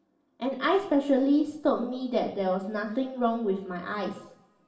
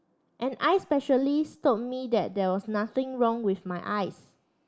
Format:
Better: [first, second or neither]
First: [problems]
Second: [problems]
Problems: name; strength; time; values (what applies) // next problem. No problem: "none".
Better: second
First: room echo; dies away in 0.9 s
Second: none